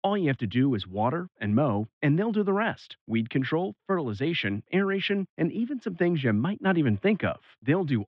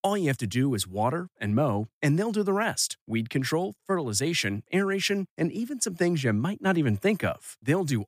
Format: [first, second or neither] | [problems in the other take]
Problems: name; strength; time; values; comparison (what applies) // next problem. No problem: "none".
second | muffled; very; fading above 3.5 kHz